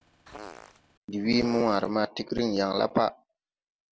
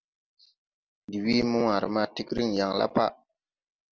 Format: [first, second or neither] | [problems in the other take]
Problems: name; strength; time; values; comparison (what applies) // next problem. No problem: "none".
second | background sound (Fart); 19 dB below the speech